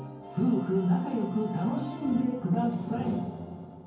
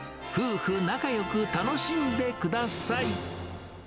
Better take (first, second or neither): second